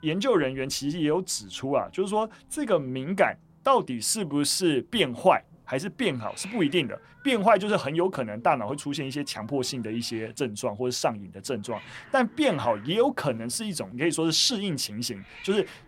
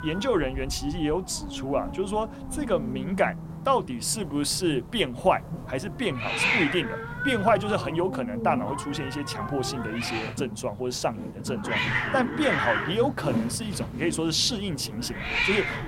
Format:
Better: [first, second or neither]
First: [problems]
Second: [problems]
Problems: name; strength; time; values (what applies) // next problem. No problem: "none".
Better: first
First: hiss; faint; throughout; 25 dB below the speech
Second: hiss; loud; throughout; 3 dB below the speech